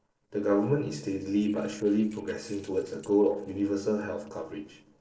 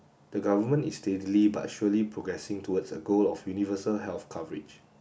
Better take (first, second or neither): second